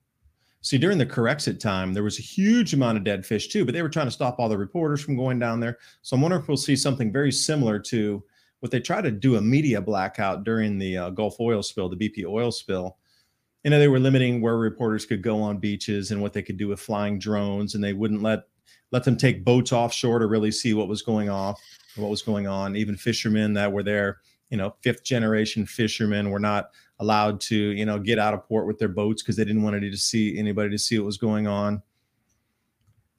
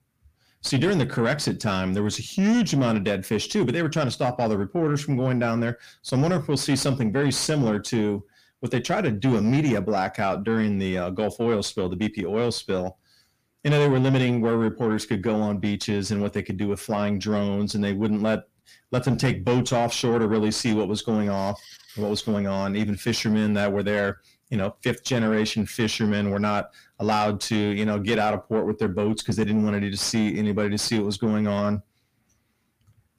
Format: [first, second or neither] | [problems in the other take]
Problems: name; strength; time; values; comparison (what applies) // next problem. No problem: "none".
first | distortion; slight; 10 dB below the speech